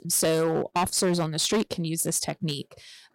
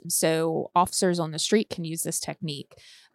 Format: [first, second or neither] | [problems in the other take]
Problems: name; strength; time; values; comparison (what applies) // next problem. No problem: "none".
second | distortion; heavy; 10% of the sound clipped